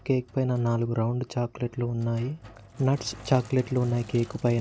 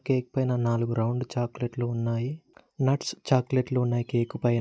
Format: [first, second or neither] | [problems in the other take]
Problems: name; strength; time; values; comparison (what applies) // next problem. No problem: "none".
second | background sound (Sink (filling or washing)); 20 dB below the speech